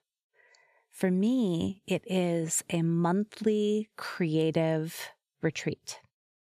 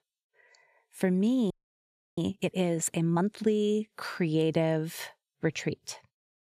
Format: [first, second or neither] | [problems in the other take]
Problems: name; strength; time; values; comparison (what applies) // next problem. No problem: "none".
first | audio freezing; at 1.5 s for 0.5 s